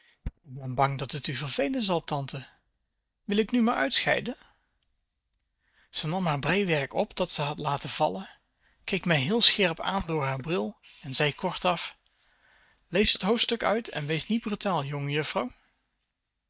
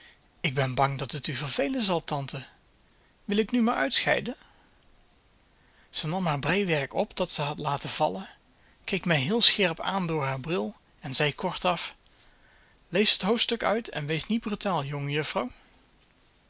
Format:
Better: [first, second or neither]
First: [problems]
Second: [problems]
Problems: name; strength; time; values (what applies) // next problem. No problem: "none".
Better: second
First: noise reduction (neural mask model DeepFilterNet 3)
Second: none